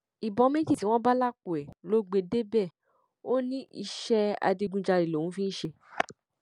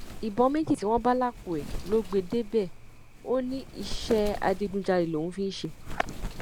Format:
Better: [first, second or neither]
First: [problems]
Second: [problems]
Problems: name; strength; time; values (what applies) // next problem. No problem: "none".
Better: first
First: none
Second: background sound (Wind); 9 dB below the speech